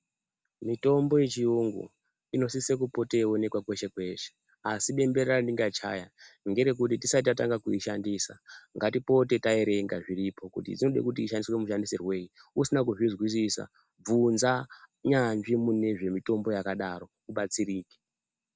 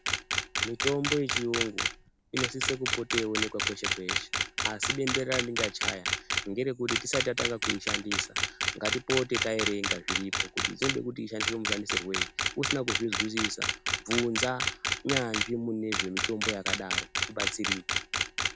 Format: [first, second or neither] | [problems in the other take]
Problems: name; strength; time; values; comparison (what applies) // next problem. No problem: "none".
first | background sound (Camera); 2 dB above the speech